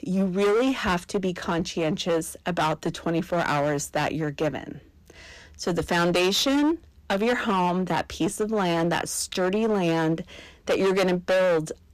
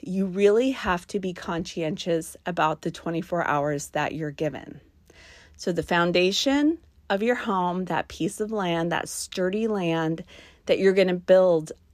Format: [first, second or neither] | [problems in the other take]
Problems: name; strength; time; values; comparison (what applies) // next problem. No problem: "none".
second | distortion; heavy; 15% of the sound clipped